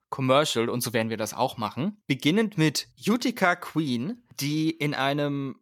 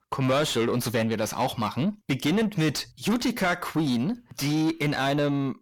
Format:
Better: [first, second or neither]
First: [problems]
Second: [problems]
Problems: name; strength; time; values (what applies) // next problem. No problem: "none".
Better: first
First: none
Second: distortion; heavy; 7 dB below the speech